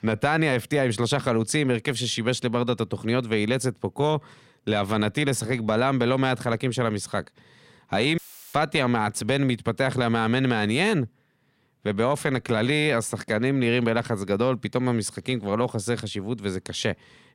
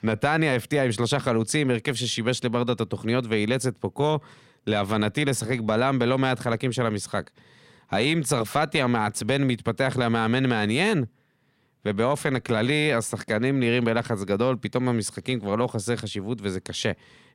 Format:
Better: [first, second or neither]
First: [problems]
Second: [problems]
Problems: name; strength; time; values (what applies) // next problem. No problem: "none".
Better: second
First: audio cutting out; filled with static; at 8 s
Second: none